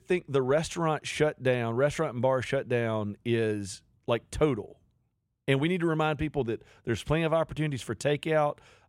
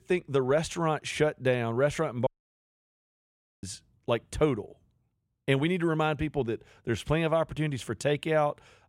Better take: first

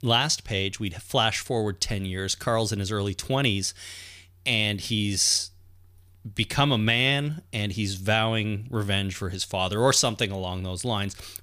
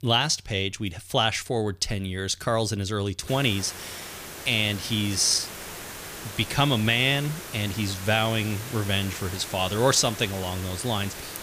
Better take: first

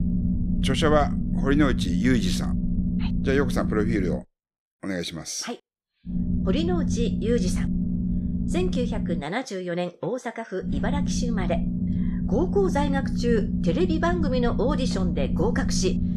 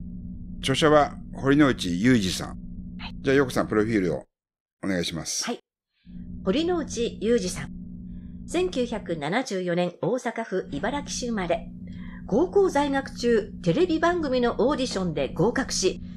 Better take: second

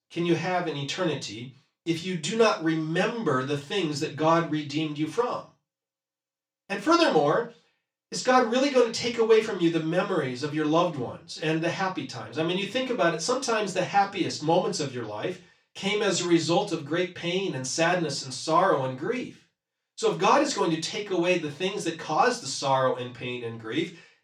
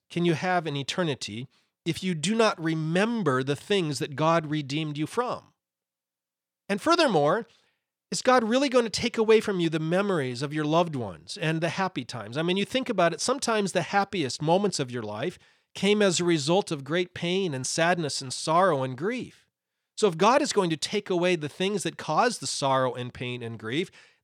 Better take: second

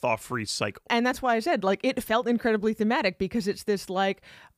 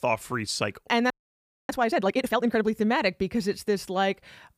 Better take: first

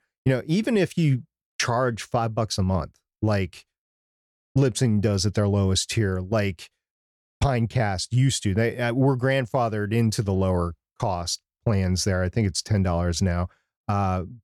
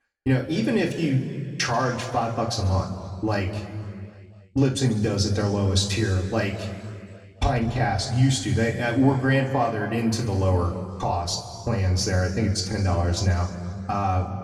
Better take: first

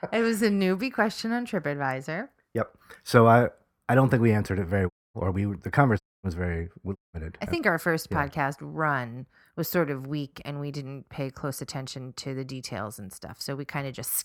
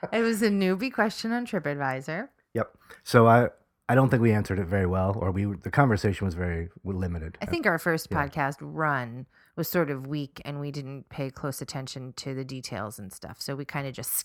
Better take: second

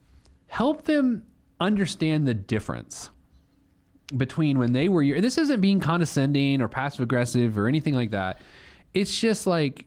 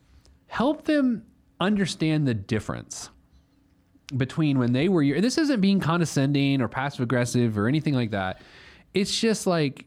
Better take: second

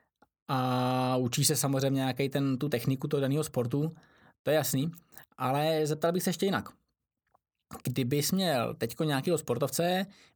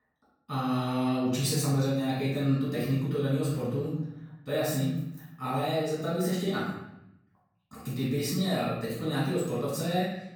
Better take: first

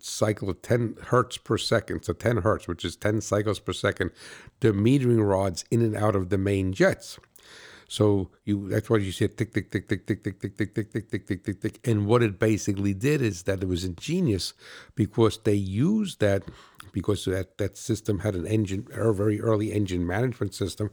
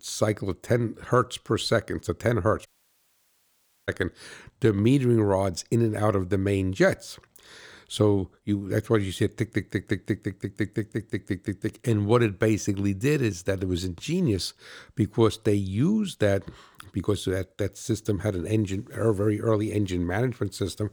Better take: first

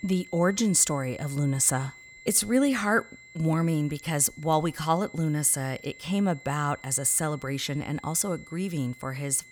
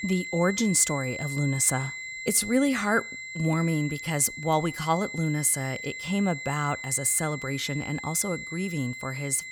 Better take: first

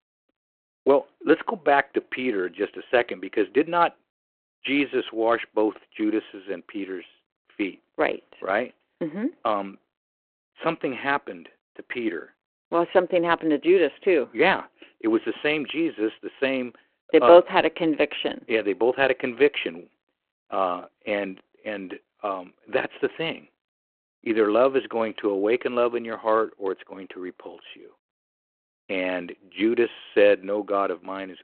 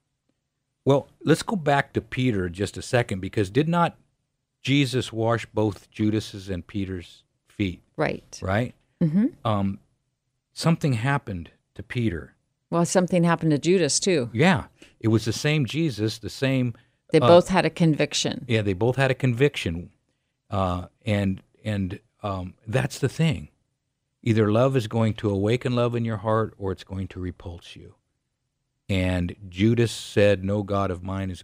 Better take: second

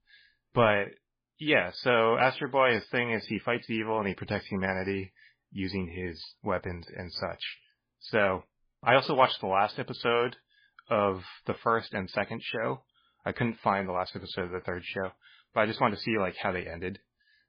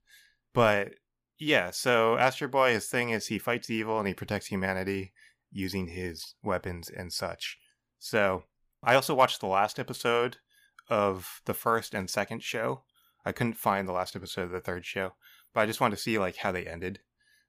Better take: second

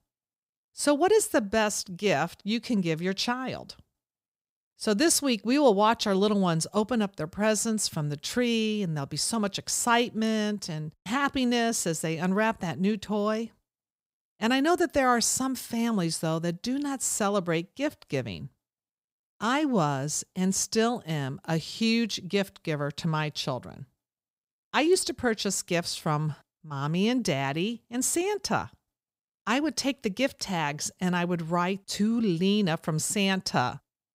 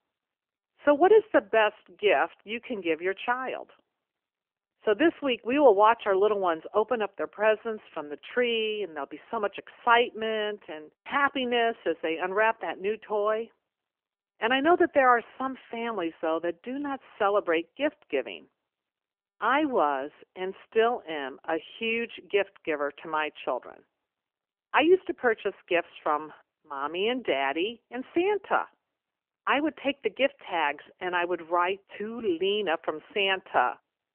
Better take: first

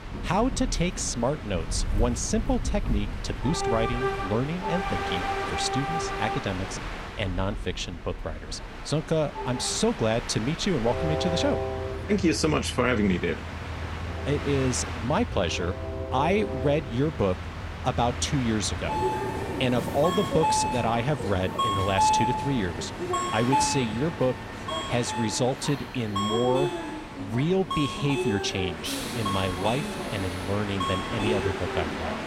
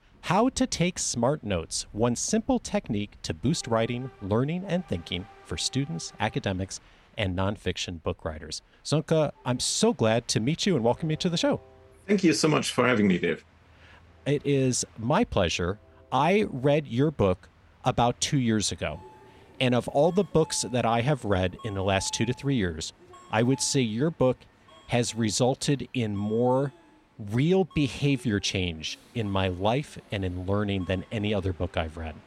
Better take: second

